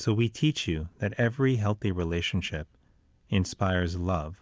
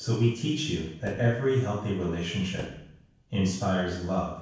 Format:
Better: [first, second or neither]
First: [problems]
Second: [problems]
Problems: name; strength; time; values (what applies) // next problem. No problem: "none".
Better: first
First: none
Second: background sound (Thump, thud); 18 dB below the speech // room echo; dies away in 0.7 s